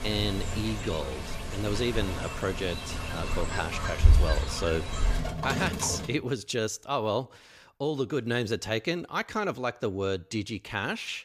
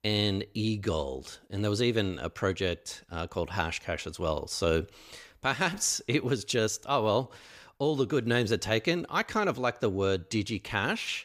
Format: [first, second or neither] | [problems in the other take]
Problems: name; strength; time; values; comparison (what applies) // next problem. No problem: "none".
second | animal sounds; loud; until 6 s; as loud as the speech